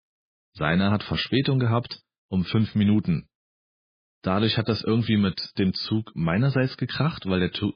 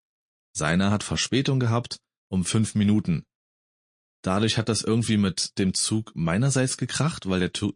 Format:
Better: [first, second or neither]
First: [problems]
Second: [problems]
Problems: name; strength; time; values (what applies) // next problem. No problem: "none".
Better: second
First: garbled, watery; badly; nothing above 5 kHz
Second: garbled, watery; slightly; nothing above 10 kHz